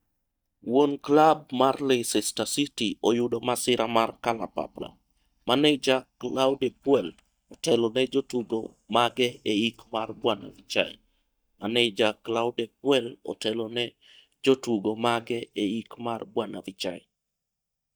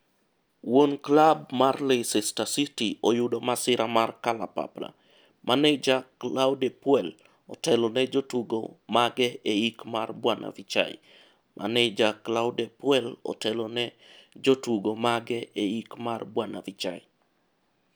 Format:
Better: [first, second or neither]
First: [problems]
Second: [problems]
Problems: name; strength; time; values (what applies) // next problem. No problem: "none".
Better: second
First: noise reduction (neural mask model DeepFilterNet 3)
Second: none